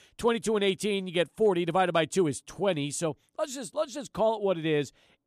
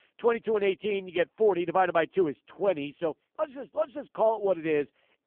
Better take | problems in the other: first | phone-call audio; poor line; nothing above 3.5 kHz

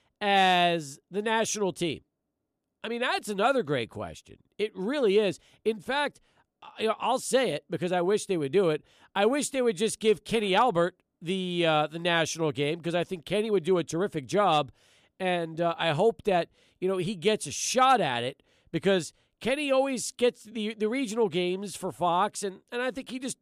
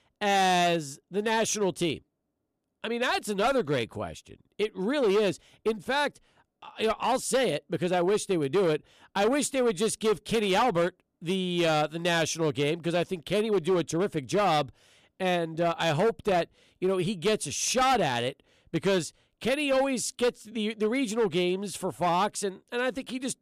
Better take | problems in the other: first | distortion; slight; 8% of the sound clipped

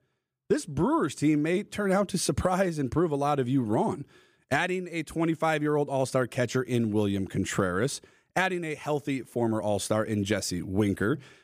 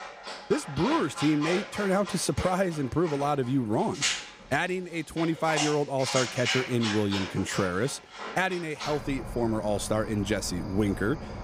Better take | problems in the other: first | animal sounds; loud; throughout; 6 dB below the speech

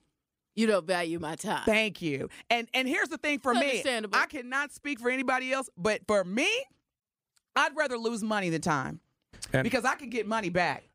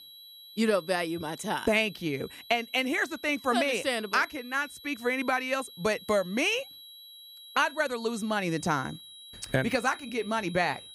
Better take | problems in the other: first | high-pitched whine; noticeable; throughout; 4 kHz, 15 dB below the speech

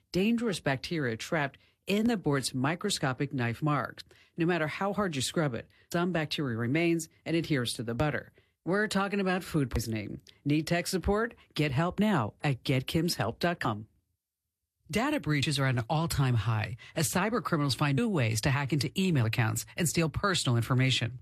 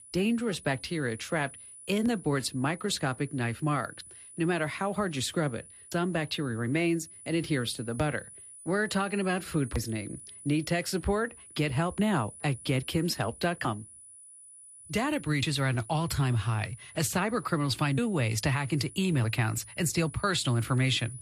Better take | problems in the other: first | high-pitched whine; noticeable; throughout; 10 kHz, 15 dB below the speech

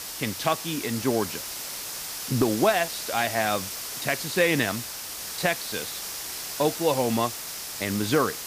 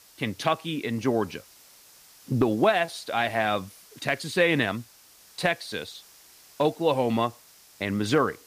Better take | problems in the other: second | hiss; loud; throughout; 6 dB below the speech; faint in the second

